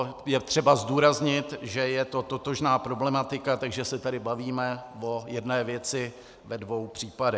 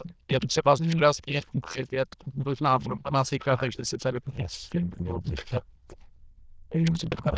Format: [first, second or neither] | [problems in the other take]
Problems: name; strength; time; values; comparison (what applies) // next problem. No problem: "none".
first | noise reduction (neural diffusion model UNIVERSE++)